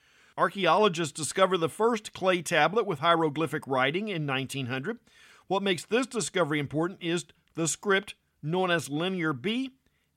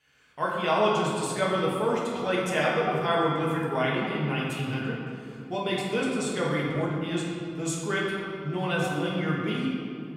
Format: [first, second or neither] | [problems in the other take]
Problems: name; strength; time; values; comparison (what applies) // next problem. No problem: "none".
first | room echo; noticeable; dies away in 2.3 s // off-mic speech; far